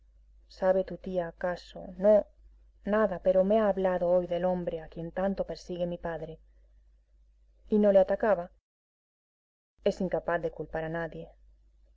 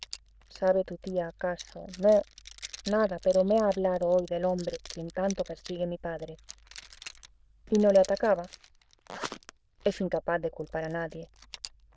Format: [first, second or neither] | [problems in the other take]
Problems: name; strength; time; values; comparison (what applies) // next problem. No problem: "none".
first | noise reduction (neural diffusion model UNIVERSE++)